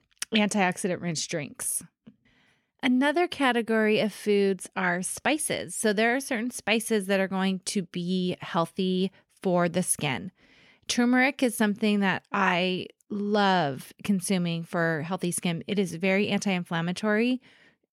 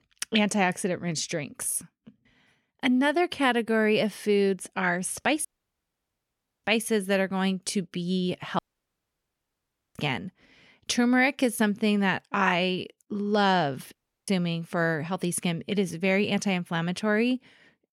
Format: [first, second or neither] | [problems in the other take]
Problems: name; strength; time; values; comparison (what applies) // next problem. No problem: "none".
first | audio cutting out; at 5.5 s for 1 s, at 8.5 s for 1.5 s and at 14 s